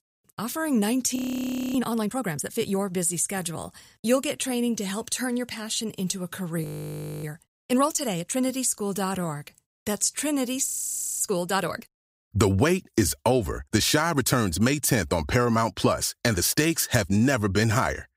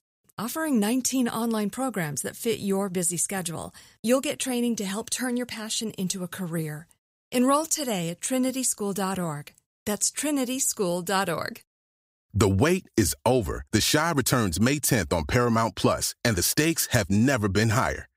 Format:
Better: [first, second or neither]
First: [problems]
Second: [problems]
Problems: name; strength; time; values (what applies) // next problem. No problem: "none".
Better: second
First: audio freezing; at 1 s for 0.5 s, at 6.5 s for 0.5 s and at 11 s for 0.5 s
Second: none